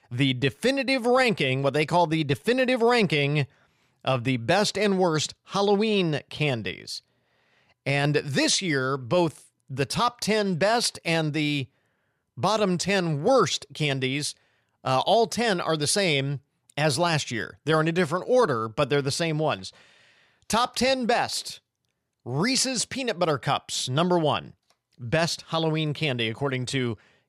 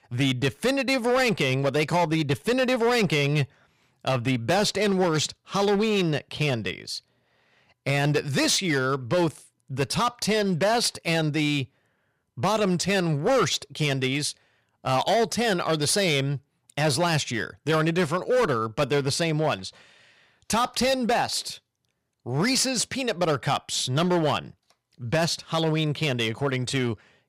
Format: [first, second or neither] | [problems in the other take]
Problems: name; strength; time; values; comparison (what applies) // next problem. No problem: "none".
first | distortion; slight; 8% of the sound clipped